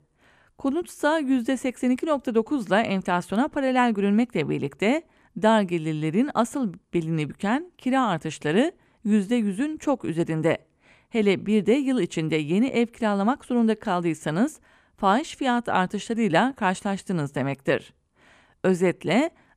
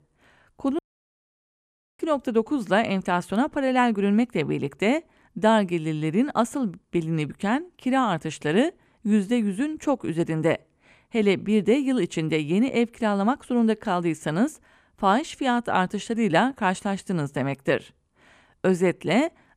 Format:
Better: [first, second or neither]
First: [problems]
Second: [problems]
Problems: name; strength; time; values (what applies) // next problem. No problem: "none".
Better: first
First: none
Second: audio cutting out; at 1 s for 1 s